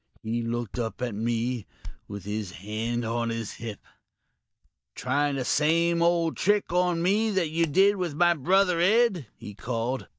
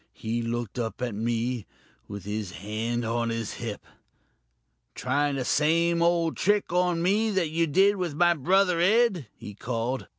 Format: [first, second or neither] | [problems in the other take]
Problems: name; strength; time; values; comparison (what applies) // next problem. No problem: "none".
second | noise reduction (neural mask model DeepFilterNet 3)